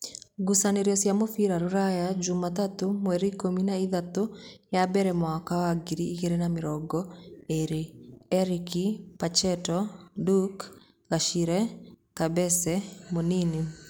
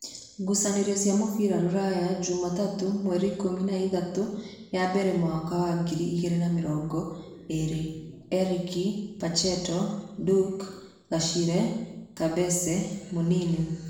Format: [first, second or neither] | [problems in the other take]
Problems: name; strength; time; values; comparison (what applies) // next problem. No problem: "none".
first | room echo; dies away in 0.9 s